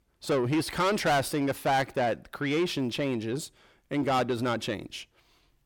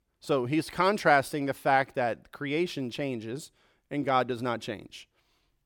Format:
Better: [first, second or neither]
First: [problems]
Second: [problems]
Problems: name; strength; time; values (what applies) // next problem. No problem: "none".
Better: second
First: distortion; heavy; 7 dB below the speech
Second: none